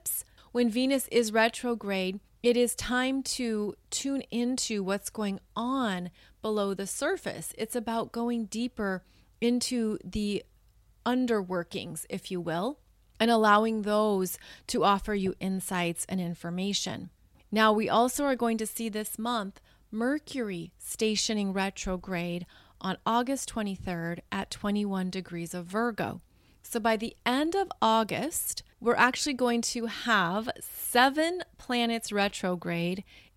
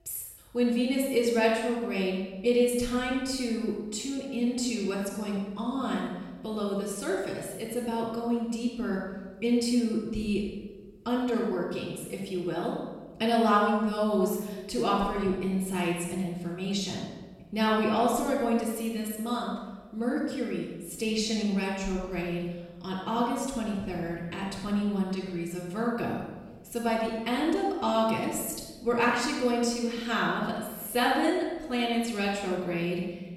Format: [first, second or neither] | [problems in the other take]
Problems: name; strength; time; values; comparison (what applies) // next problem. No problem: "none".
first | off-mic speech; far // room echo; noticeable; dies away in 1.1 s